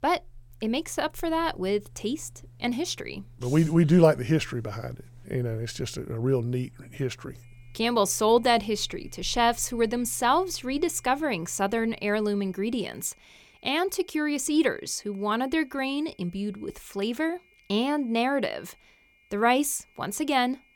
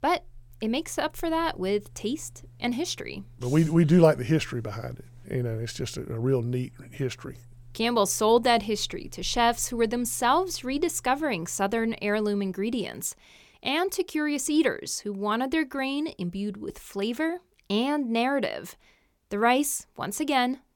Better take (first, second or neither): second